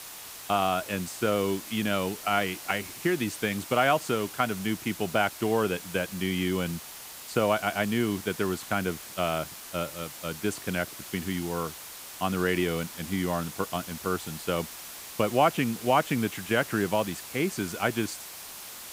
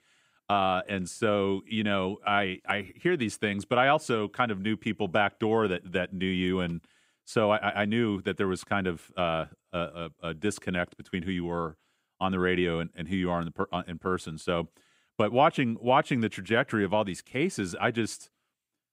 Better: second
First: hiss; noticeable; throughout; 10 dB below the speech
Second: none

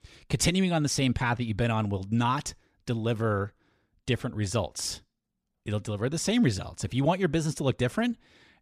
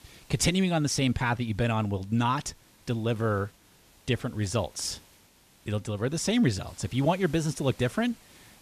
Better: first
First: none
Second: hiss; faint; throughout; 25 dB below the speech

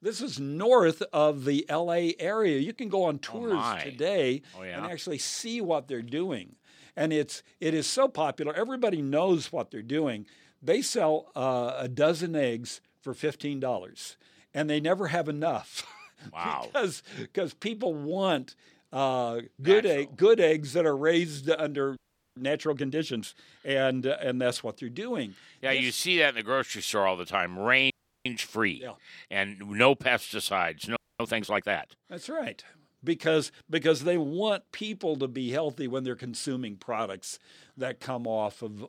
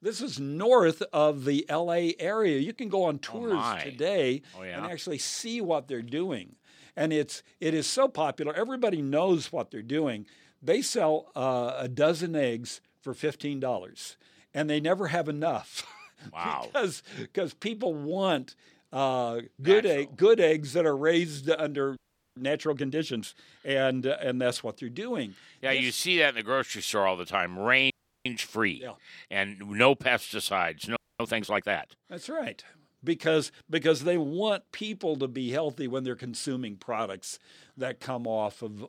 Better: neither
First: audio freezing; at 22 s, at 28 s and at 31 s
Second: audio freezing; at 22 s, at 28 s and at 31 s

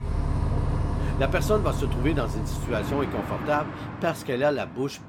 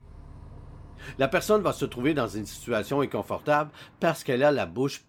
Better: second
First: traffic noise; loud; throughout; 2 dB below the speech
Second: traffic noise; faint; throughout; 25 dB below the speech

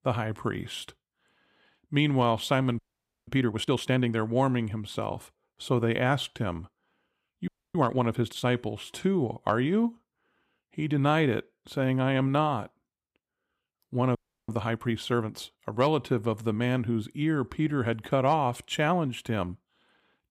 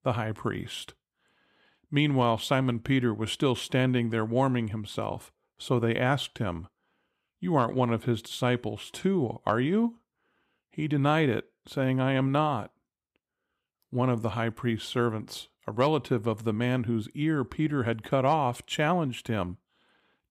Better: second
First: audio freezing; at 3 s, at 7.5 s and at 14 s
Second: none

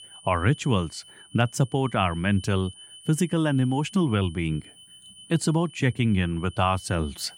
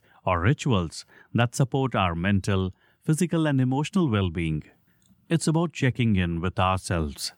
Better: second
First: high-pitched whine; noticeable; throughout; 3 kHz, 20 dB below the speech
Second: none

